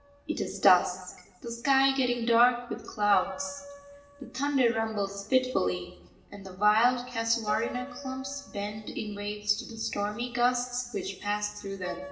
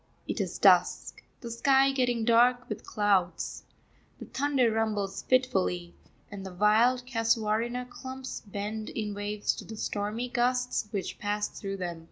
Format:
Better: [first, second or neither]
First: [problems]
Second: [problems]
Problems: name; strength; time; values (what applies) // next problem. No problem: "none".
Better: second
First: background sound (Piano); 19 dB below the speech // room echo; dies away in 0.9 s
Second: none